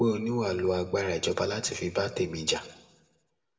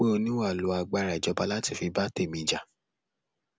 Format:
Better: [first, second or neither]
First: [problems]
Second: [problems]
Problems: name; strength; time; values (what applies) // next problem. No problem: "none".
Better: second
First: room echo; dies away in 0.7 s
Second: none